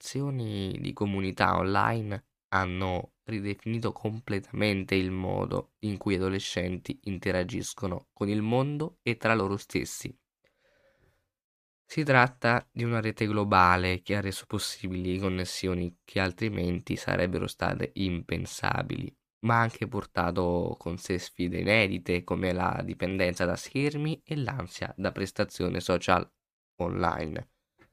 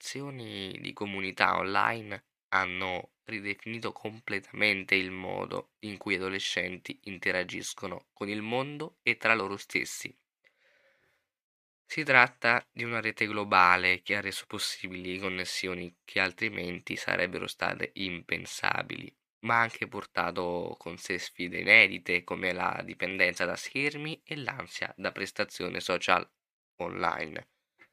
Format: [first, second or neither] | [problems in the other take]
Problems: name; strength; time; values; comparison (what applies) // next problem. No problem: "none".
first | thin; somewhat; fading below 750 Hz